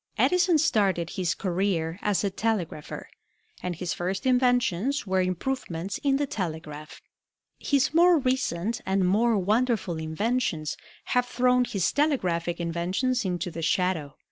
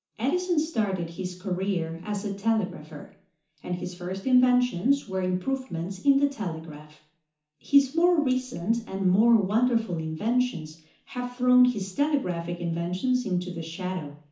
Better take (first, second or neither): first